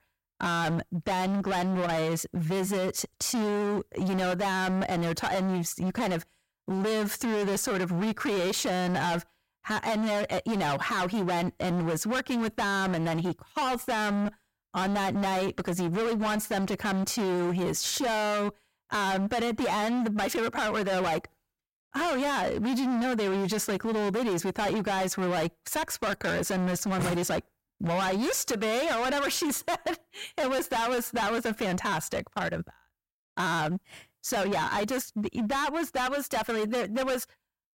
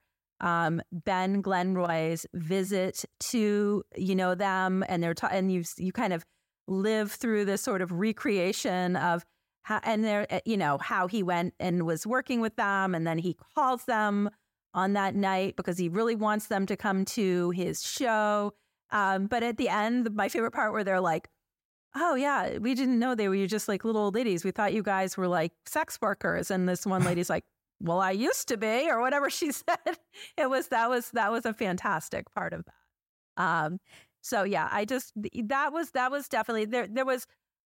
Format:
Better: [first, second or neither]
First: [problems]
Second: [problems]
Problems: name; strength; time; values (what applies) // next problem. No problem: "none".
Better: second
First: distortion; heavy; 33% of the sound clipped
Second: none